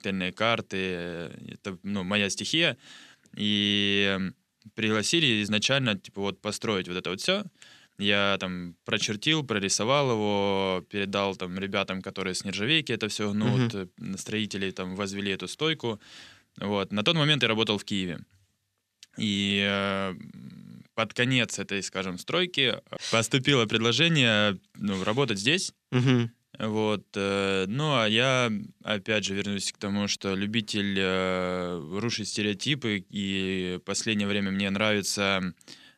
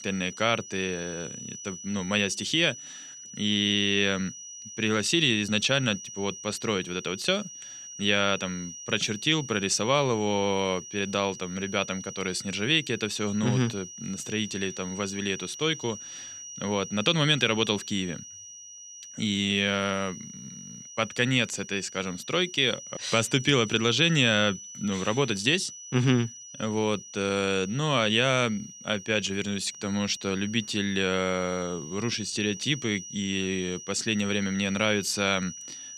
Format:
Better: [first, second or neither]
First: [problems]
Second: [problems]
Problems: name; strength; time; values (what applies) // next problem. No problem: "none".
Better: first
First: none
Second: high-pitched whine; noticeable; throughout; 6 kHz, 15 dB below the speech